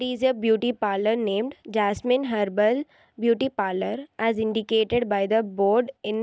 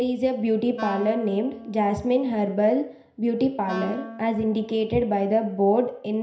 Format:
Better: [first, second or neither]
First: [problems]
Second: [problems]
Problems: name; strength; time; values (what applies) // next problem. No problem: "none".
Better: first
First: none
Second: background sound (Wind instrument, woodwind instrument); 16 dB below the speech // room echo; dies away in 0.5 s